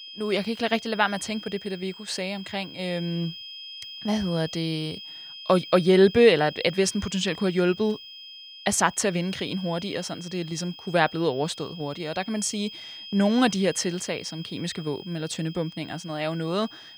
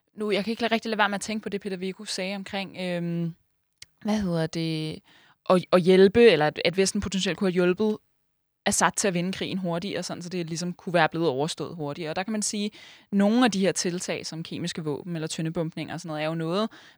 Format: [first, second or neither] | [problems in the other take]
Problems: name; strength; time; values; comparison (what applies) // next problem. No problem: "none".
second | high-pitched whine; noticeable; throughout; 3 kHz, 15 dB below the speech